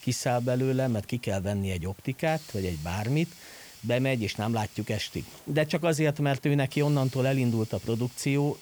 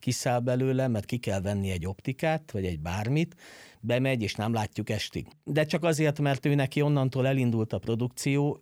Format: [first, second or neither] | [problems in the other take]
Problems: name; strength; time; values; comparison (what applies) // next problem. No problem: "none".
second | hiss; noticeable; throughout; 20 dB below the speech